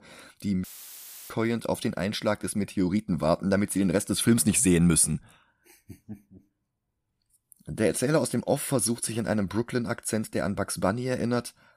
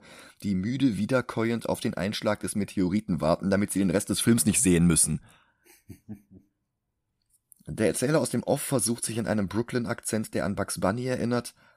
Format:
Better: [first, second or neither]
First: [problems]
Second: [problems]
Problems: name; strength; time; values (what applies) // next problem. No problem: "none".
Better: second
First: audio cutting out; filled with static; at 0.5 s for 0.5 s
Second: none